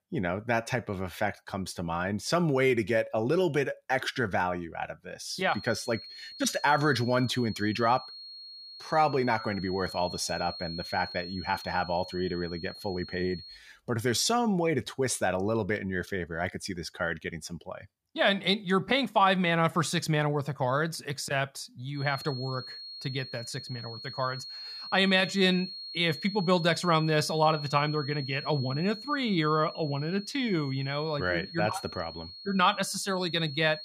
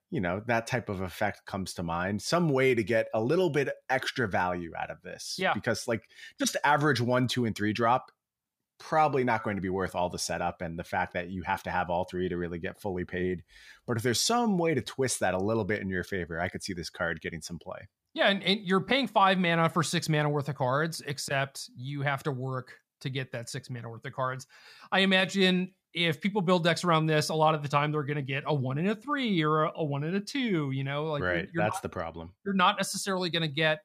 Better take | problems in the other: second | high-pitched whine; noticeable; from 5.5 to 14 s and from 22 s on; 4.5 kHz, 10 dB below the speech

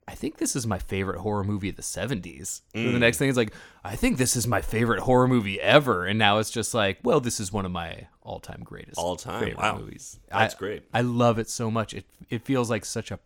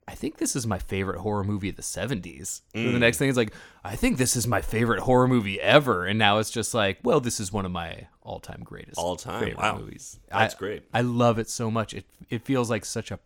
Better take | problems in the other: neither | none

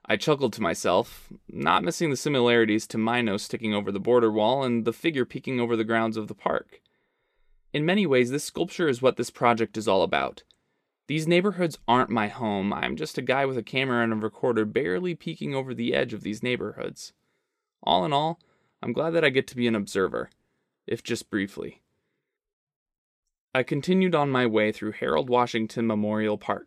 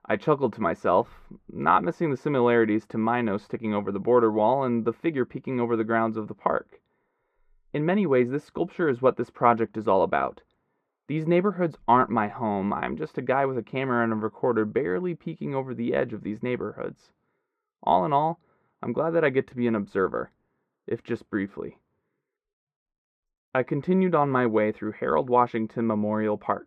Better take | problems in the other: first | muffled; very; fading above 3 kHz

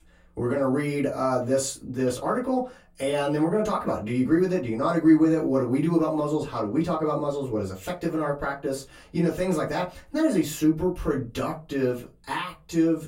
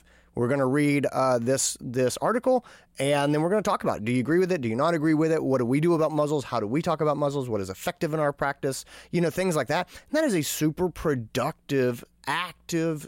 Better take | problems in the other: second | off-mic speech; far // room echo; very slight; dies away in 0.2 s

